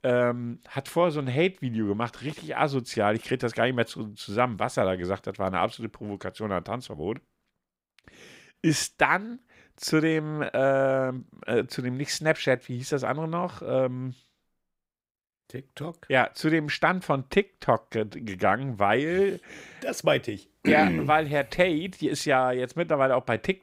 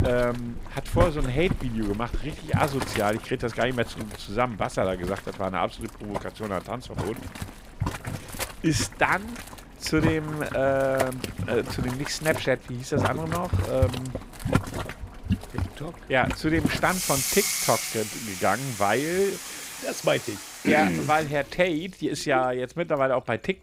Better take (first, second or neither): first